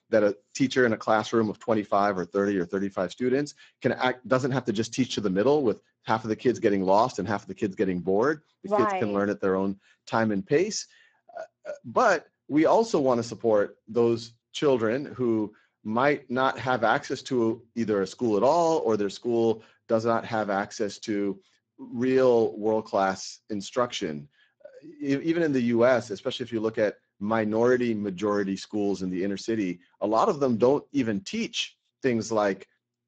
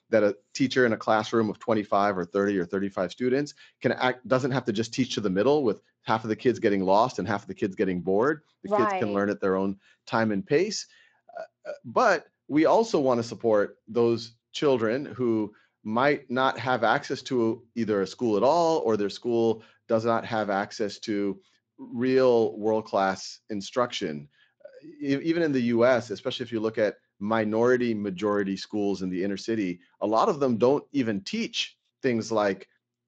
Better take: second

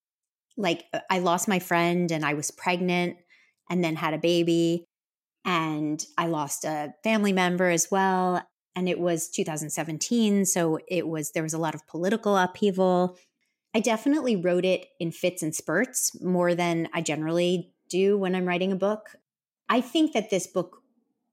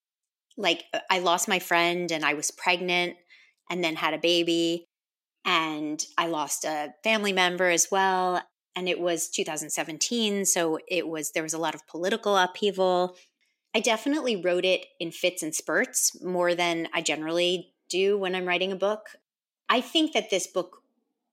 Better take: first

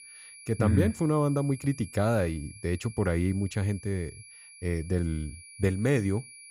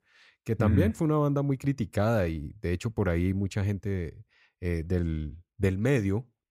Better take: second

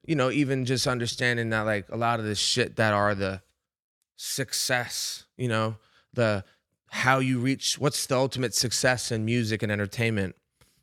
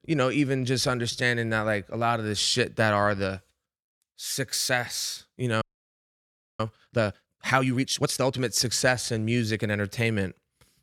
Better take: first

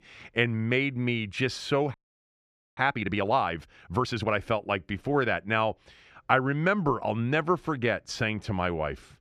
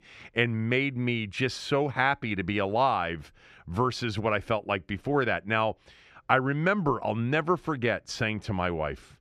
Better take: second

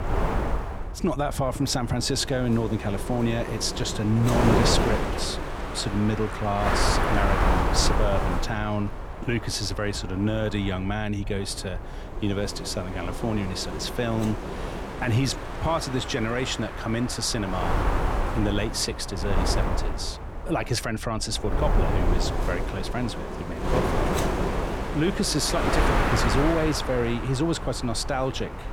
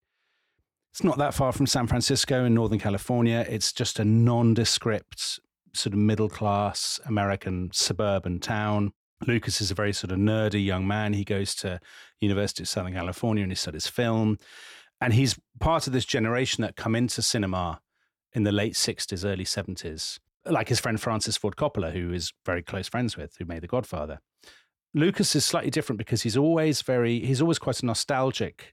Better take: second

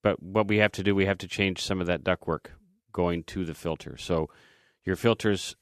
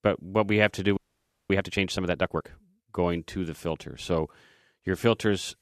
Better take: first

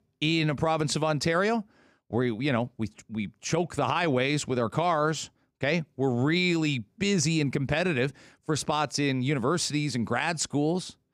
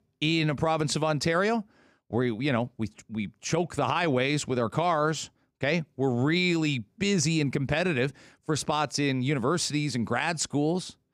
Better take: neither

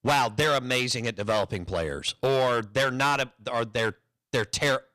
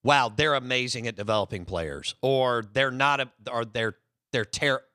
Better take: second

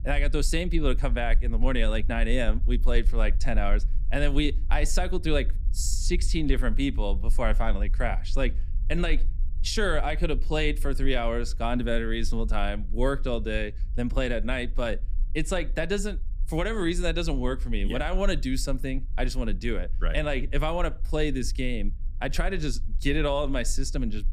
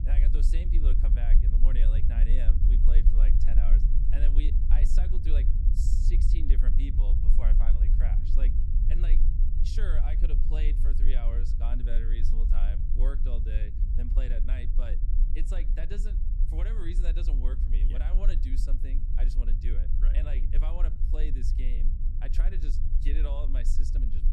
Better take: first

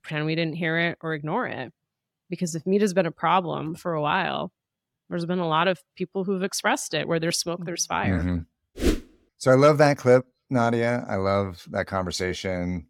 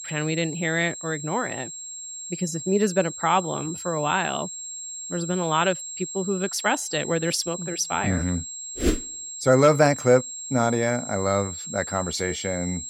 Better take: first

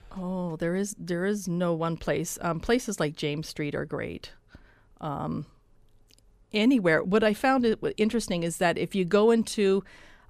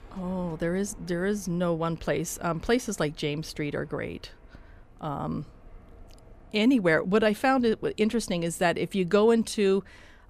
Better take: first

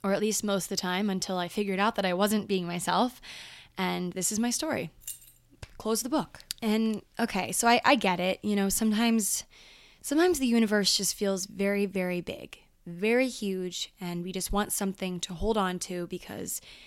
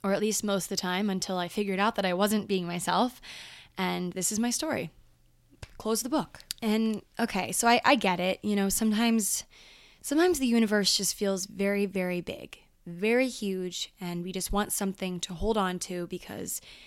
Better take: second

